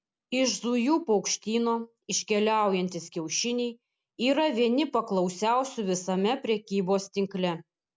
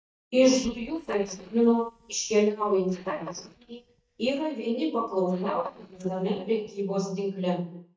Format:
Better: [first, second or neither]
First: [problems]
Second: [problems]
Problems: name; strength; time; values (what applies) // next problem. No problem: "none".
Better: first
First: none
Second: noise reduction (neural mask model DeepFilterNet 3)